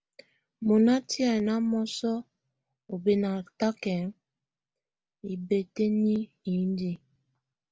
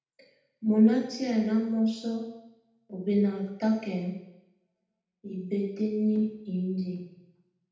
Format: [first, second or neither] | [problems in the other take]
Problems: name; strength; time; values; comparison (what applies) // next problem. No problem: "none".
first | room echo; dies away in 0.8 s